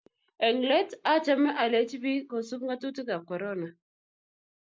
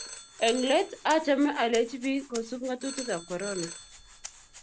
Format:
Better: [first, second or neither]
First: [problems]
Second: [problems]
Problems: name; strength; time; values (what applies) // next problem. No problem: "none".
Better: first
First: none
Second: background sound (Rattle (instrument) + Telephone); 13 dB below the speech